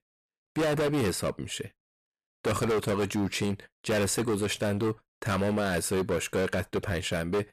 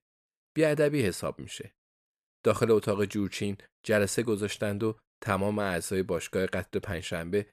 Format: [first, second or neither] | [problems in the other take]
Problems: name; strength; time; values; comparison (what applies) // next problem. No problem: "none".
second | distortion; heavy; 17% of the sound clipped